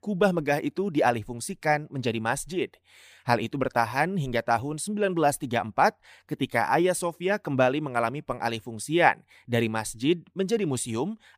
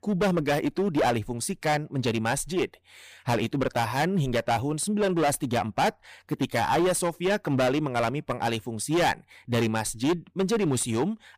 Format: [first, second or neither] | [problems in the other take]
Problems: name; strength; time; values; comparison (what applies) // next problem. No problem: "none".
first | distortion; heavy; 13% of the sound clipped